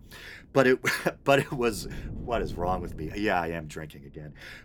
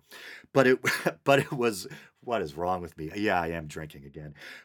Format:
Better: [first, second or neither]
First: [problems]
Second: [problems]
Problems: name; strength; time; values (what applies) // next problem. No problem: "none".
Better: second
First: wind noise on the microphone; occasional gusts; 25 dB below the speech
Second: none